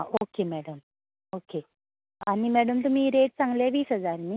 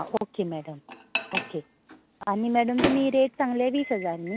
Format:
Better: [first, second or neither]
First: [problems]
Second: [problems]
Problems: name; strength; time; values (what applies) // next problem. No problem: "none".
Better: first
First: none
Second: background sound (Microwave oven); 8 dB below the speech